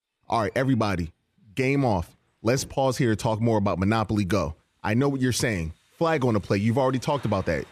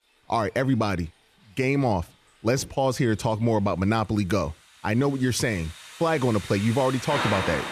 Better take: first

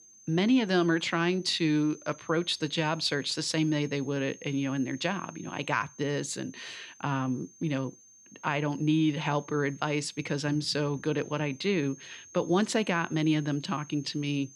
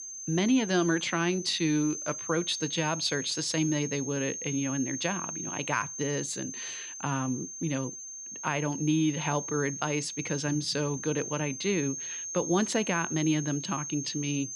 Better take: first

